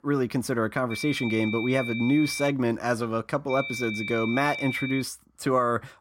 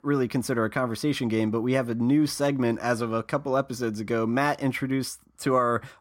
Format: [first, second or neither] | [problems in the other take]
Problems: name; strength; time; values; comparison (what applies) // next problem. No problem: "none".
second | high-pitched whine; loud; from 1 to 2.5 s and from 3.5 to 5 s; 2.5 kHz, 6 dB below the speech